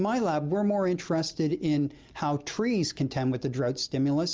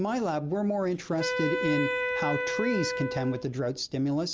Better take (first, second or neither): first